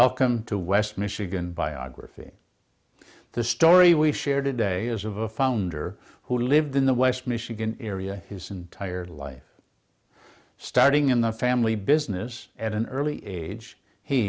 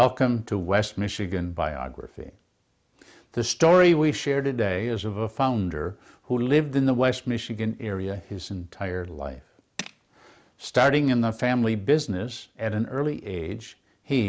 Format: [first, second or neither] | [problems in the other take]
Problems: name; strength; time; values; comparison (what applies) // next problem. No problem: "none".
first | background sound (Tools); 18 dB below the speech